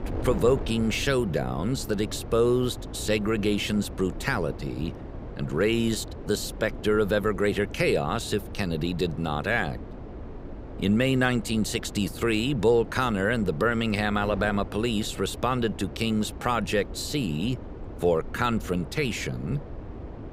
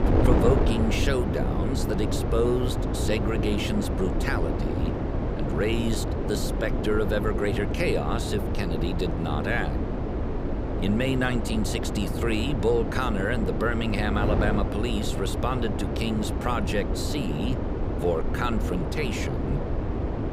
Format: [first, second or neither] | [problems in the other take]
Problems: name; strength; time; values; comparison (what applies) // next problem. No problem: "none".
first | wind noise on the microphone; heavy; 3 dB below the speech; occasional gusts in the first